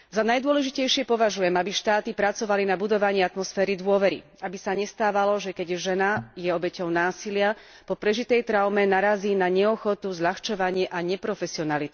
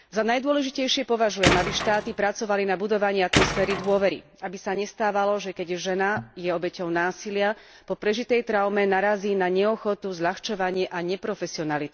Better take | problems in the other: first | background sound (Tools); 1 dB below the speech

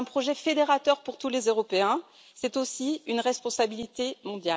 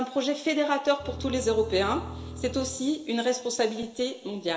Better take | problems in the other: first | background sound (Bowed string instrument); 12 dB below the speech // room echo; dies away in 2.8 s

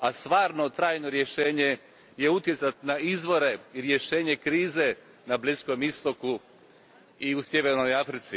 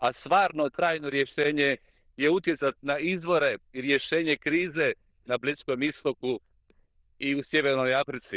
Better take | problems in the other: first | noise reduction (neural diffusion model UNIVERSE++)

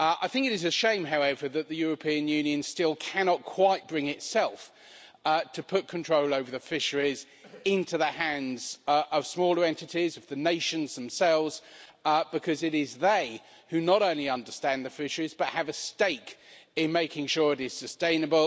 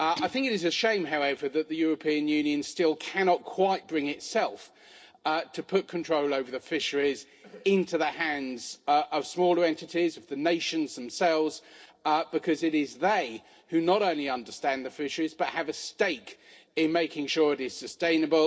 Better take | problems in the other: first | noise reduction (neural separator model SepFormer DNS4)

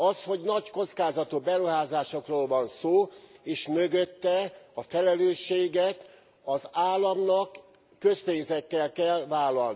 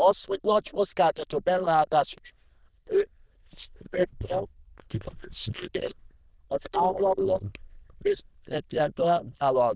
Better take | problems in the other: first | noise reduction (neural diffusion model UNIVERSE++)

